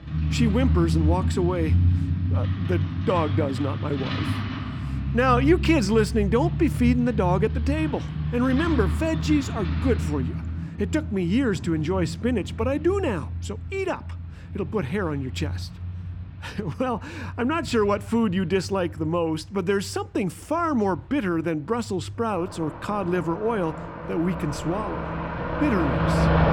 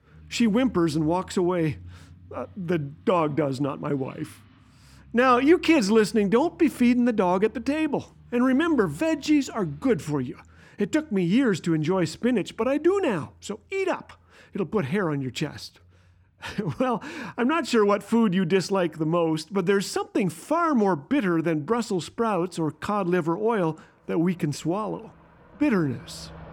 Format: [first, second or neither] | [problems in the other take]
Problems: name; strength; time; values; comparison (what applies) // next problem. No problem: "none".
second | traffic noise; loud; throughout; 3 dB below the speech; faint in the second